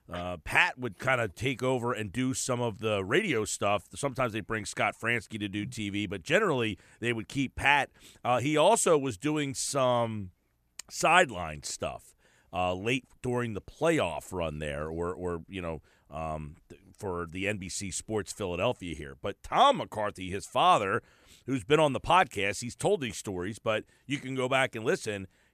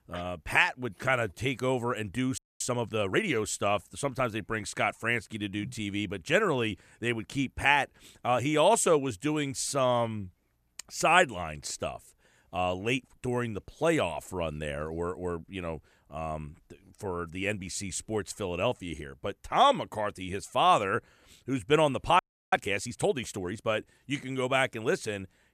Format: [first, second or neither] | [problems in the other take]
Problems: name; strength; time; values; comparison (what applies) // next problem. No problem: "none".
first | audio freezing; at 2.5 s and at 22 s